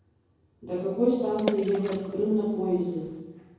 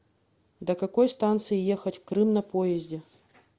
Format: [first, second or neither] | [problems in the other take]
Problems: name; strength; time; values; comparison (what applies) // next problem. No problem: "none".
second | background sound (Water / Splash, splatter); 9 dB below the speech // room echo; dies away in 1.3 s